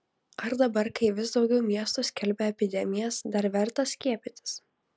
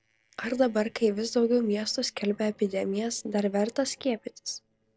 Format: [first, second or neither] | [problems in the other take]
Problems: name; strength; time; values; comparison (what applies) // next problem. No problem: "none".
first | noise reduction (neural separator model SepFormer DNS4)